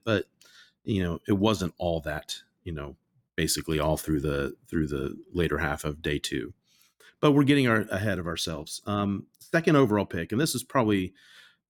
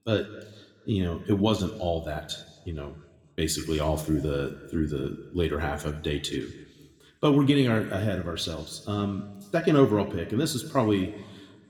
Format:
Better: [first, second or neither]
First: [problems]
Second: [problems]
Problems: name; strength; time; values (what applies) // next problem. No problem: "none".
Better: first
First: none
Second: room echo; very slight; dies away in 1.2 s